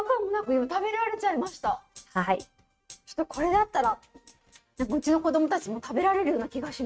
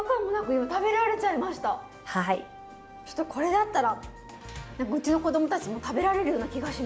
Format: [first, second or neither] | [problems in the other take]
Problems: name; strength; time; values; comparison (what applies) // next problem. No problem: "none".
second | noise reduction (neural mask model RNNoise)